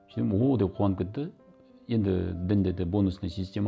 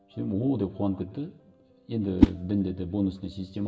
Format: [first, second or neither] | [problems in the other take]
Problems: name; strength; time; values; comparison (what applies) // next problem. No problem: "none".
first | background sound (Whoosh, swoosh, swish); 1 dB above the speech // room echo; dies away in 0.7 s